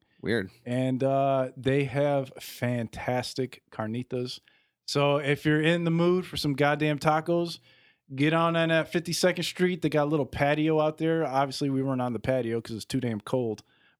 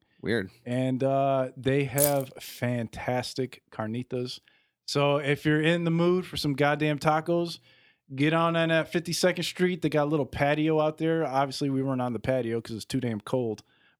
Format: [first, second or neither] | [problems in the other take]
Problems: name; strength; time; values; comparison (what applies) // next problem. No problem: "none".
first | jangling keys; loud; at 2 s; peak level with the speech